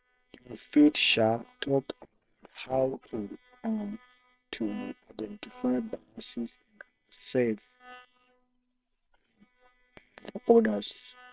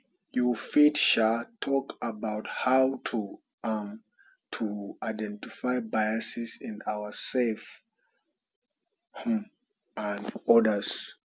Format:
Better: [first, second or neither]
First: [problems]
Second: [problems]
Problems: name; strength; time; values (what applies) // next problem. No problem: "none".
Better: second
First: noise reduction (neural separator model SepFormer WHAM!)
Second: none